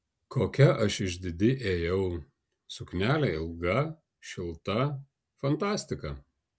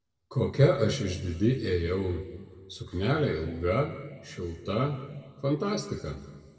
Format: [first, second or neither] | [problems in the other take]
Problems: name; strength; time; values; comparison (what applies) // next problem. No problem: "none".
first | room echo; dies away in 1.6 s